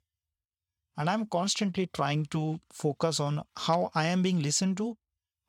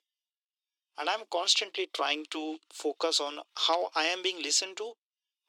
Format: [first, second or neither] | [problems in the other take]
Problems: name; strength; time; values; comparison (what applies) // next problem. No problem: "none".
first | thin; very; fading below 300 Hz